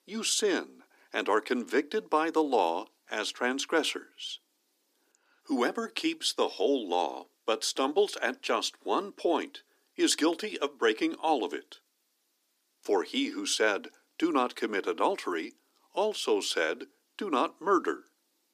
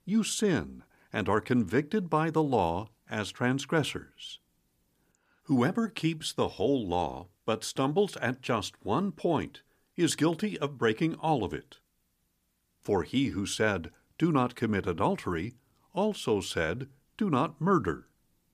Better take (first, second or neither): second